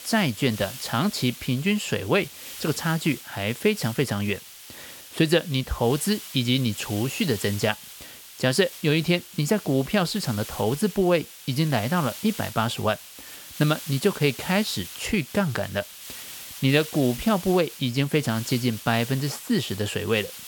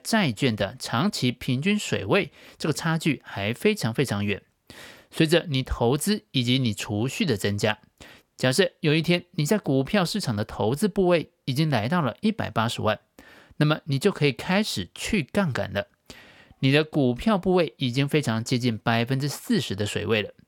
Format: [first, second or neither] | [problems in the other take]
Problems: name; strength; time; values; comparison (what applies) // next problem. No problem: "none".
second | hiss; noticeable; throughout; 15 dB below the speech